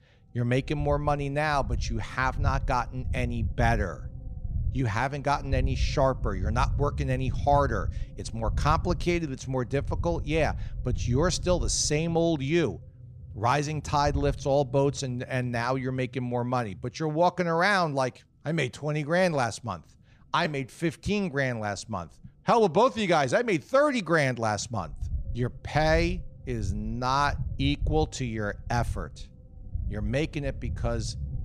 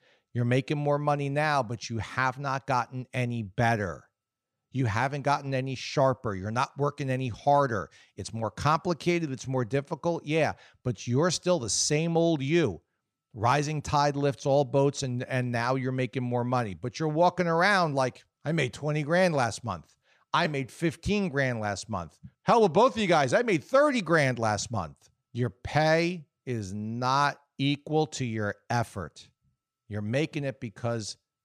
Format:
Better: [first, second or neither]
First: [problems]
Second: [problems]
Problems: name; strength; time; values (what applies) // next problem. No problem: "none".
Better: second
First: low rumble; faint; throughout; 25 dB below the speech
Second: none